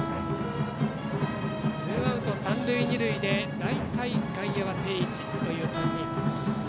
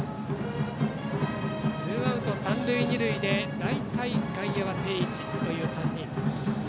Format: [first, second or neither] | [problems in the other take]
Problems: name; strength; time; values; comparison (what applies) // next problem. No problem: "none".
second | background sound (Bowed string instrument + Guitar); 11 dB below the speech